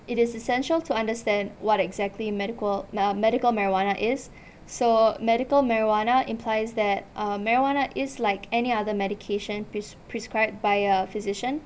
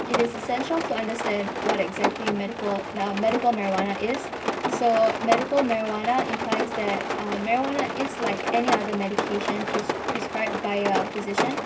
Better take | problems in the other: first | background sound (Rain); 2 dB below the speech // room echo; dies away in 0.4 s

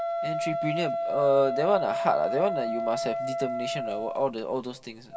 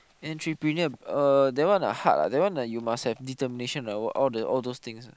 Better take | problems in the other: second | background sound (Wind instrument, woodwind instrument); 2 dB below the speech // room echo; dies away in 1.9 s

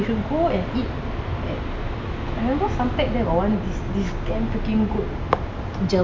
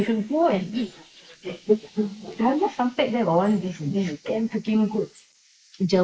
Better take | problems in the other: first | noise reduction (neural mask model Resemble Enhance denoiser)

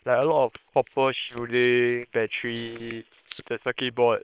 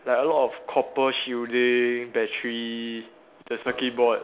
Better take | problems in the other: second | noise reduction (neural separator model SepFormer WHAM!)

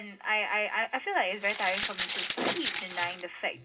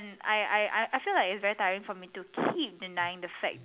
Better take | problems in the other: second | background sound (Rattle (instrument)); 4 dB below the speech // room echo; dies away in 0.2 s

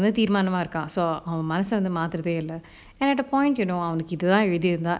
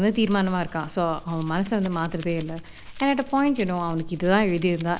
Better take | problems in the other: first | background sound (Domestic sounds, home sounds); 14 dB below the speech

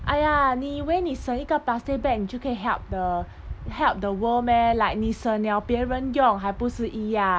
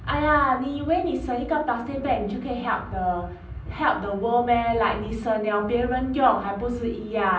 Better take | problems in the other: first | room echo; dies away in 0.6 s

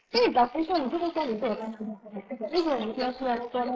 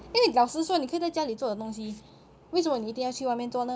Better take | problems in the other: second | noise reduction (neural mask model Resemble Enhance denoiser)

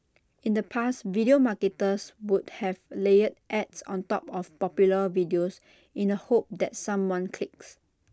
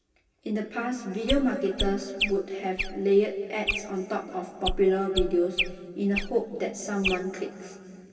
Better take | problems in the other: first | background sound (Chirp, tweet); 5 dB below the speech // room echo; dies away in 2.5 s

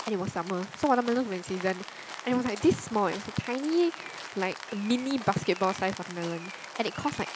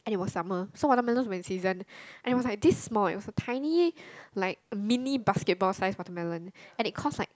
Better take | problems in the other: second | background sound (Rain); 13 dB below the speech

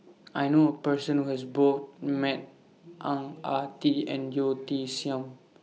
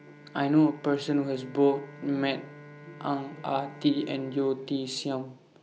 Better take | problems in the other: first | background sound (Bowed string instrument); 20 dB below the speech

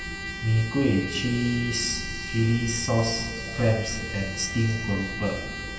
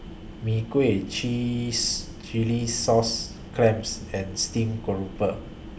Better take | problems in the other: second | background sound (Trumpet); 9 dB below the speech // room echo; dies away in 2.3 s

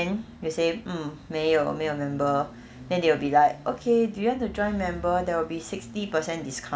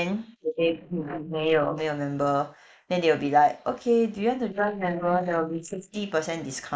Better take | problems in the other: first | noise reduction (neural mask model Resemble Enhance denoiser)

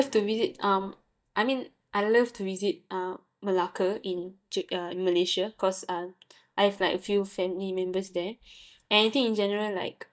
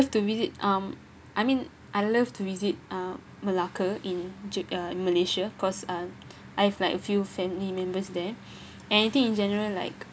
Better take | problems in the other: second | noise reduction (neural mask model DeepFilterNet 3)

